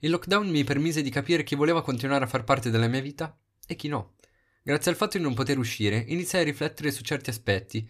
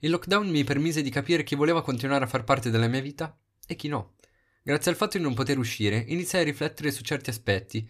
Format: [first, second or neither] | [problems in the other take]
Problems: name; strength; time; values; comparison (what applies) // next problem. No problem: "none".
neither | none